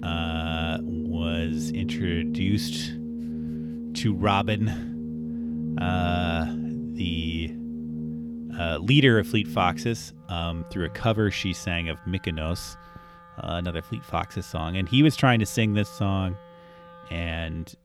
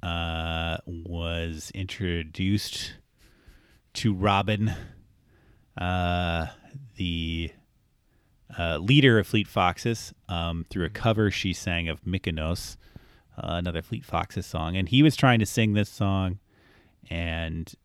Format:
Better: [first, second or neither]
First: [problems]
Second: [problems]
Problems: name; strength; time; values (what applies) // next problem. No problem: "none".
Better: second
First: background music; loud; throughout; 6 dB below the speech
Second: none